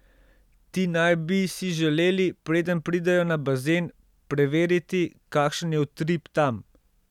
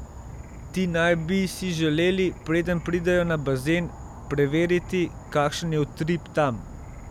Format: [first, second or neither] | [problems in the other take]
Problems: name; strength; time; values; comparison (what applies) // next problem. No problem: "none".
first | background sound (Insect / Frog); 14 dB below the speech